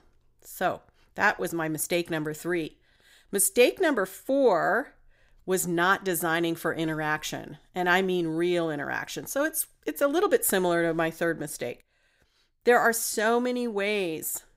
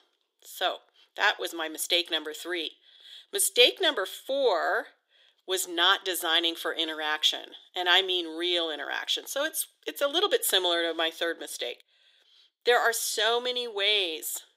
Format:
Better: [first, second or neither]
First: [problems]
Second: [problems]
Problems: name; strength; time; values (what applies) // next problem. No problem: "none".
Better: first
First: none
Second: thin; very; fading below 350 Hz